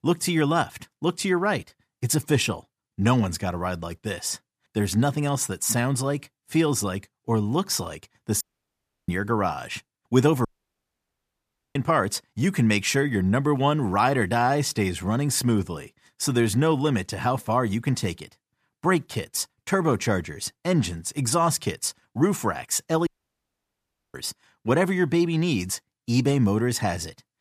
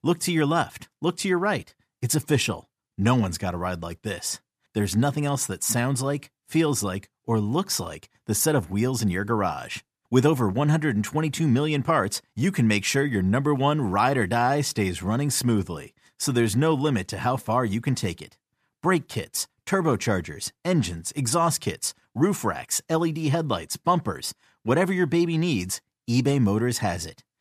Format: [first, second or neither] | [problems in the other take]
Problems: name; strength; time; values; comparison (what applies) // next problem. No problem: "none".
second | audio cutting out; at 8.5 s for 0.5 s, at 10 s for 1.5 s and at 23 s for 1 s